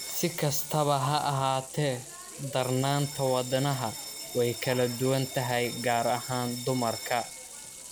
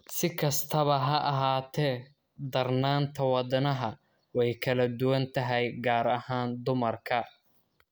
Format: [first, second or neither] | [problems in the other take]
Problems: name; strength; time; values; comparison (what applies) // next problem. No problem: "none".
second | background sound (Sink (filling or washing) / Water tap, faucet + Bell); 11 dB below the speech